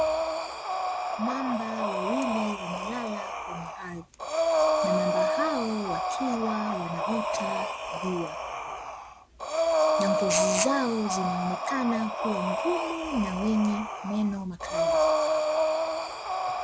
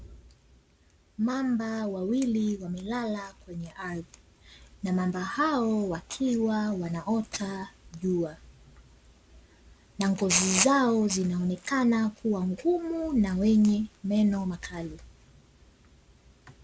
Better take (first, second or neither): second